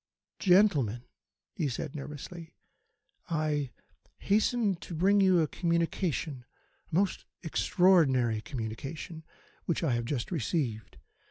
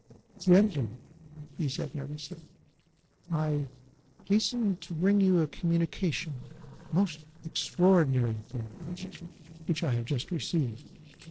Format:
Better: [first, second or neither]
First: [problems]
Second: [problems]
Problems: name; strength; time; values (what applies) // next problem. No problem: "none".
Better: first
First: none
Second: noise reduction (neural separator model SepFormer DNS4)